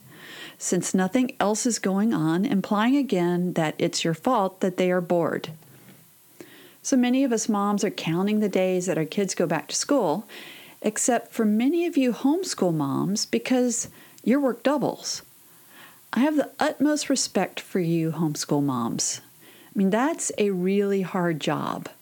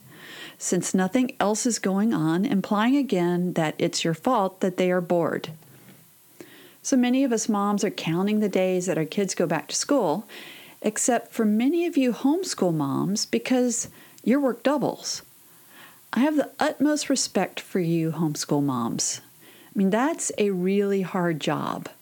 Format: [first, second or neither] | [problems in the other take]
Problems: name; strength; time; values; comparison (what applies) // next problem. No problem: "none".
neither | hiss; faint; throughout; 25 dB below the speech; the same in both